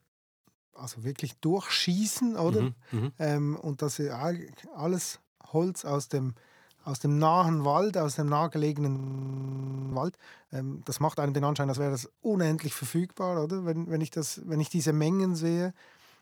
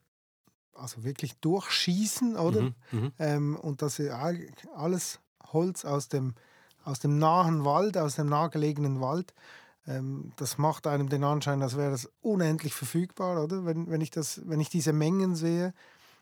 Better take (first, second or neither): second